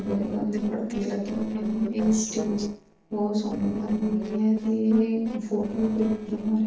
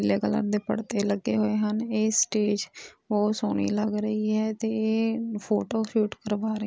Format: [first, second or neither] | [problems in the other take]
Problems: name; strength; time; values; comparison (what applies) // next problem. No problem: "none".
second | noise reduction (neural separator model SepFormer DNS4)